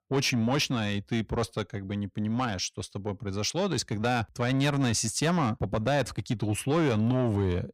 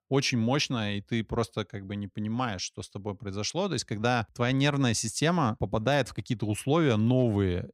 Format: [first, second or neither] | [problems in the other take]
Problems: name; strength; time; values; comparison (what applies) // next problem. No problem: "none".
second | distortion; slight; 10 dB below the speech